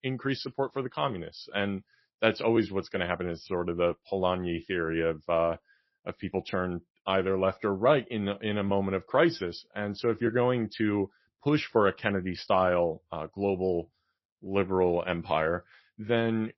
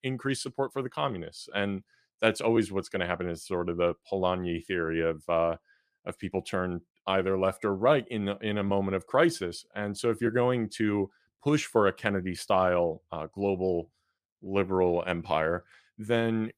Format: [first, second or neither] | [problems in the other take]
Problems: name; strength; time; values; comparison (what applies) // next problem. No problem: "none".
second | garbled, watery; slightly; nothing above 5.5 kHz